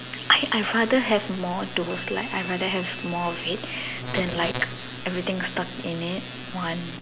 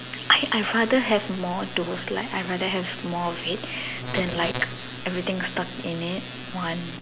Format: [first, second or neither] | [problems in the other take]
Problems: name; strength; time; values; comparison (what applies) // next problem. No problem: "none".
second | background sound (Glass / Bell); 16 dB below the speech